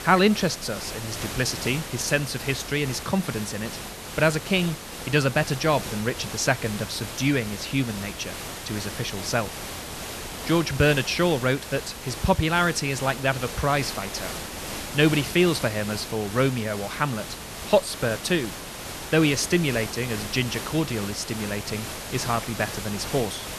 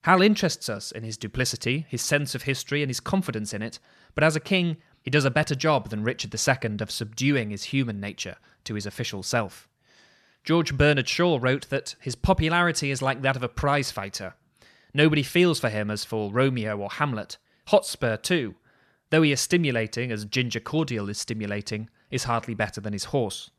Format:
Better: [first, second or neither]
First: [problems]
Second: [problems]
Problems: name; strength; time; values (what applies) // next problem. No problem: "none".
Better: second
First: hiss; loud; throughout; 9 dB below the speech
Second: none